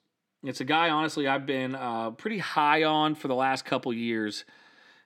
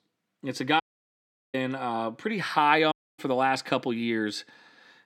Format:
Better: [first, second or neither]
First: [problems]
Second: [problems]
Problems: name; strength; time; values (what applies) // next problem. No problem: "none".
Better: first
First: none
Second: audio cutting out; at 1 s for 0.5 s and at 3 s